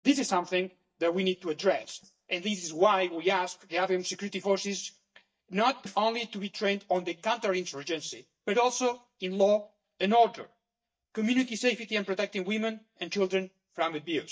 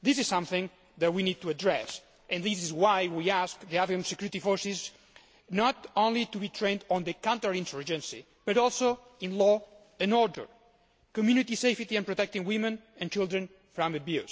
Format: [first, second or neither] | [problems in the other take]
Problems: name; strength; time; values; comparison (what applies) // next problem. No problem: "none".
second | noise reduction (neural mask model DeepFilterNet 3)